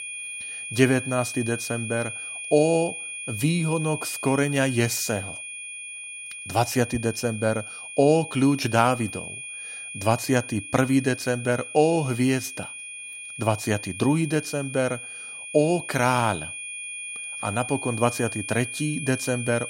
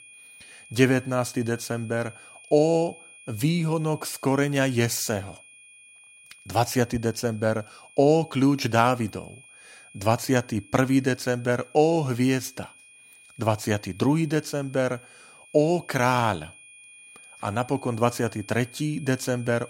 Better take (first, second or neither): second